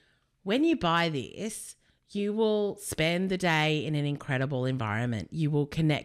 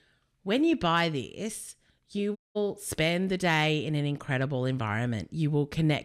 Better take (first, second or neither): first